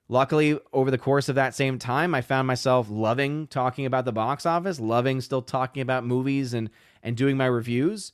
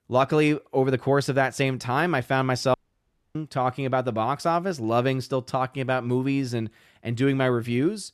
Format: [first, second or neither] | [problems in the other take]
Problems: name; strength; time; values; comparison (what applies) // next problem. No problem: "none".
first | audio cutting out; at 2.5 s for 0.5 s